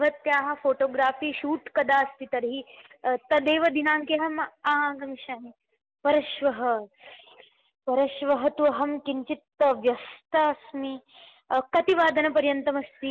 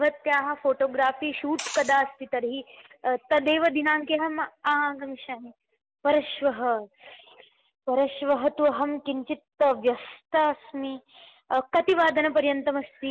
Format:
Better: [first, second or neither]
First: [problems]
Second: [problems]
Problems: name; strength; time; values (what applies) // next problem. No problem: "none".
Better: first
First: none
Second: background sound (Liquid); 12 dB below the speech